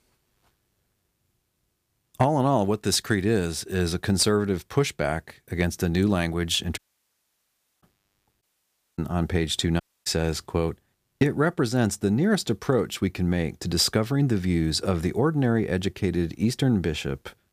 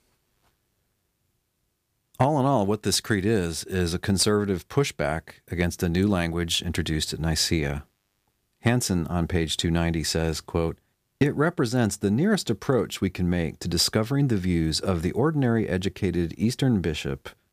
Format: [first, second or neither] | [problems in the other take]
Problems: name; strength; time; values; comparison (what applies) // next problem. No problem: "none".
second | audio cutting out; at 7 s for 1 s, at 8.5 s for 0.5 s and at 10 s